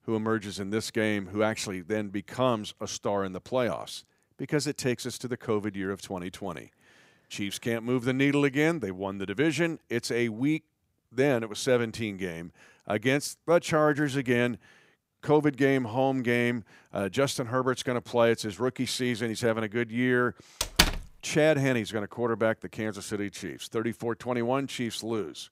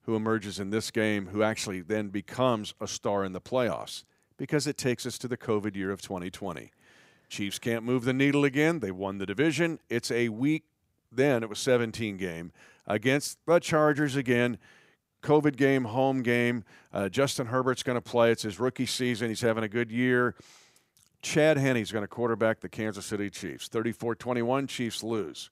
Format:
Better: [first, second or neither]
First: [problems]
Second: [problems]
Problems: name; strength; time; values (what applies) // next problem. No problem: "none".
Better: second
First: door banging; loud; at 21 s; peak 5 dB above the speech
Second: none